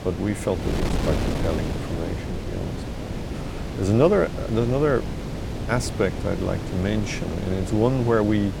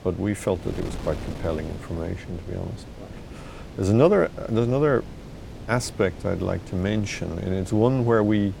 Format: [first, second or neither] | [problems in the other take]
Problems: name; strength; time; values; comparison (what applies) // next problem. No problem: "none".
second | wind noise on the microphone; heavy; 8 dB below the speech; occasional gusts in the second